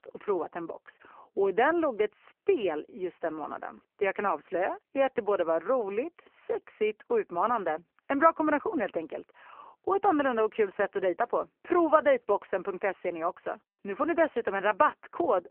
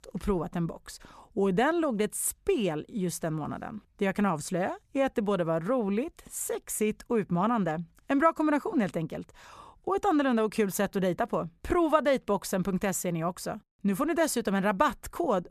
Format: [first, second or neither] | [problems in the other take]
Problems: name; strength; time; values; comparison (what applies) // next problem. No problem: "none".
second | phone-call audio; poor line; nothing above 3 kHz